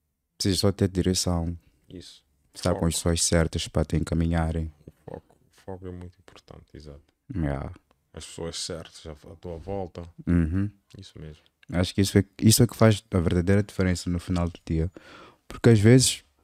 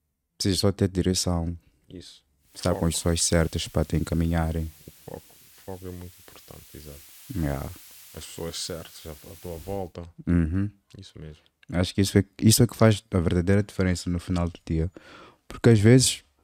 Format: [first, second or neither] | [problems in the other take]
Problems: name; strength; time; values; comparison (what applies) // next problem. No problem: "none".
first | hiss; faint; from 2.5 to 10 s; 25 dB below the speech